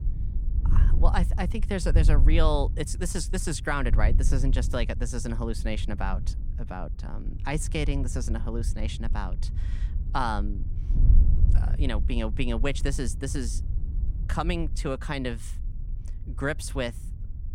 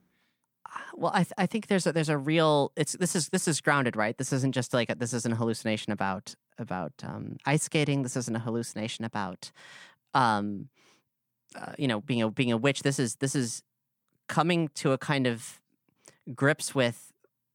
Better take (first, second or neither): second